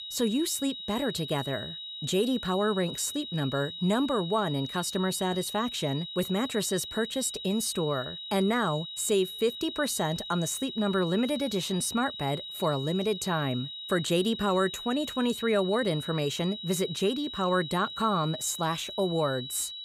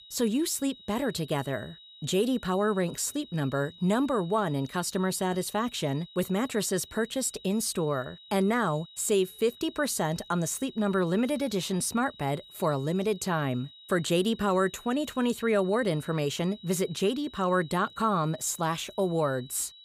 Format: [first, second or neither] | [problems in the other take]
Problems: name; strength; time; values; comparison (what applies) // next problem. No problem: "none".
second | high-pitched whine; loud; throughout; 4 kHz, 8 dB below the speech; faint in the second